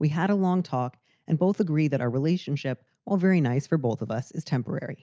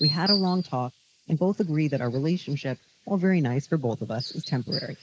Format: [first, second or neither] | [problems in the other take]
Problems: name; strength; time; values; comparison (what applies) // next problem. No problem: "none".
first | noise reduction (neural mask model Resemble Enhance denoiser)